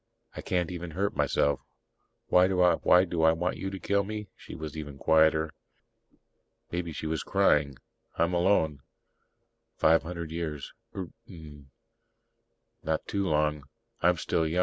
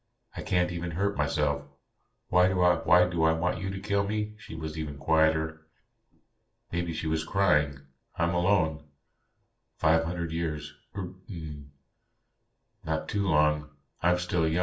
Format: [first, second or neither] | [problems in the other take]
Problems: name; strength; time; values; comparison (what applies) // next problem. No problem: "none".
first | room echo; dies away in 0.3 s